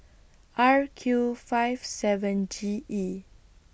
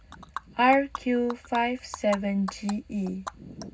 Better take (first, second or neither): first